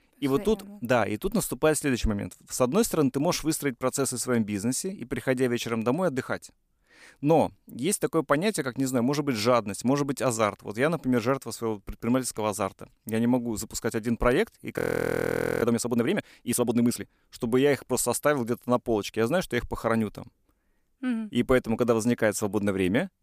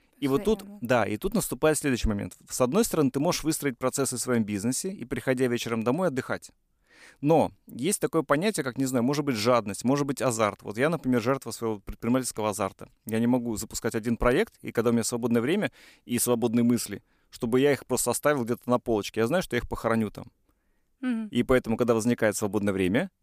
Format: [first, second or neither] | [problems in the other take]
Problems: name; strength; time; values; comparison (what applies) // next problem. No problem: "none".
second | audio freezing; at 15 s for 1 s